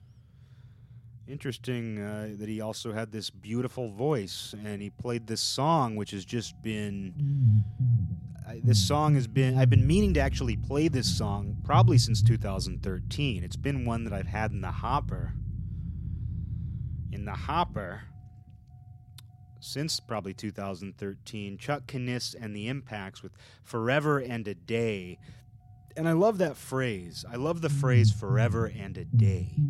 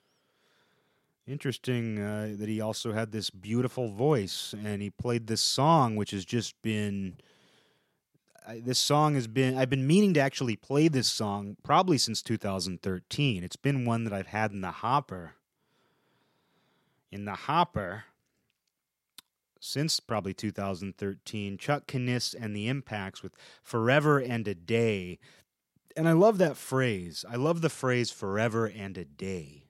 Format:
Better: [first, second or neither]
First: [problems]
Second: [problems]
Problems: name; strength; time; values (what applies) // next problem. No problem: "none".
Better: second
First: low rumble; loud; throughout; 9 dB below the speech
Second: none